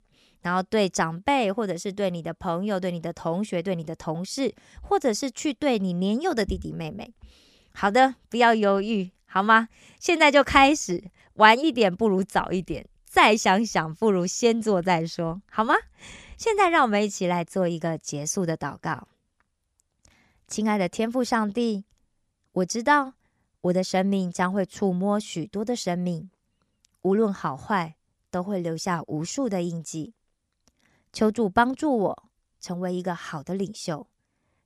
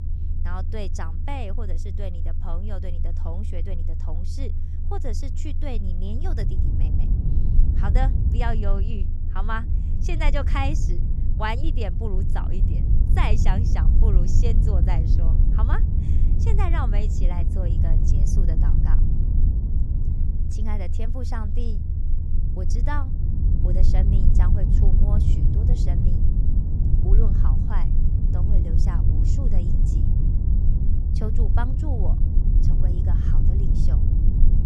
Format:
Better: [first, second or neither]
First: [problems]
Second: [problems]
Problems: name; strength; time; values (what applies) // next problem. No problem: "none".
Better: first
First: none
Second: low rumble; loud; throughout; 4 dB below the speech